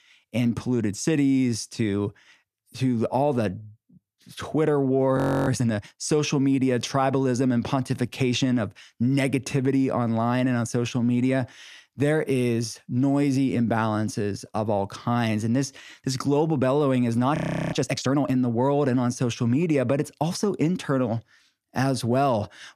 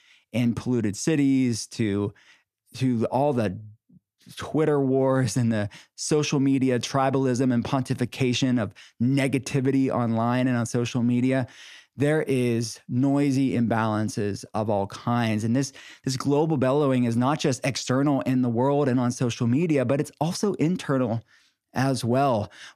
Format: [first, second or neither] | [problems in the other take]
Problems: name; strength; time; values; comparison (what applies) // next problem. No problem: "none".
second | audio freezing; at 5 s and at 17 s